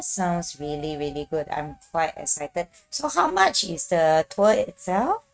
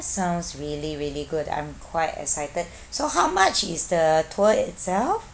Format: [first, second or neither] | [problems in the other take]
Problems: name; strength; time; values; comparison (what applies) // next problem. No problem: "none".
second | noise reduction (neural mask model RNNoise)